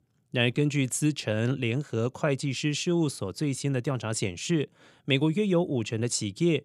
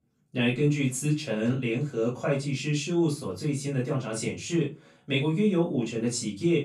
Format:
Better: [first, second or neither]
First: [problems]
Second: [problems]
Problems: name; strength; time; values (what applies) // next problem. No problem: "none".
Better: first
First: none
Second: off-mic speech; far // room echo; slight; dies away in 0.2 s